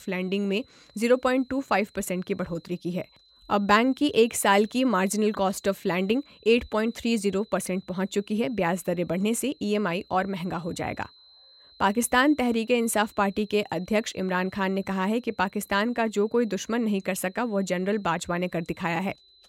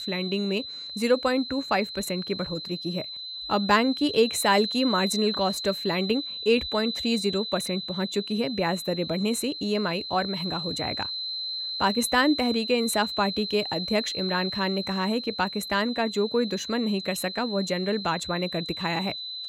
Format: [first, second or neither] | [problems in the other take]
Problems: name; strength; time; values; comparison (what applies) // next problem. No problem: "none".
first | high-pitched whine; loud; throughout; 4 kHz, 5 dB below the speech; faint in the first